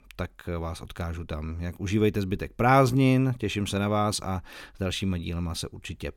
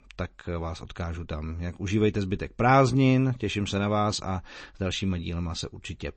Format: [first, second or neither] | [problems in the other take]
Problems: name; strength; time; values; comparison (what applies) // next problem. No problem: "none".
first | garbled, watery; slightly; nothing above 8 kHz